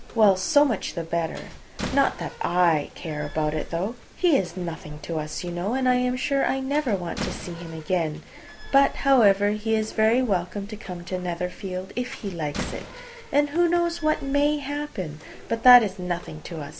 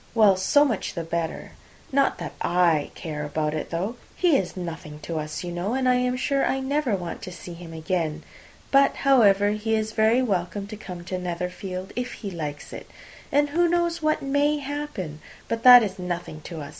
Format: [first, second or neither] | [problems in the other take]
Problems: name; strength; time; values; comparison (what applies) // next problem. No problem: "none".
second | background sound (Slam); 14 dB below the speech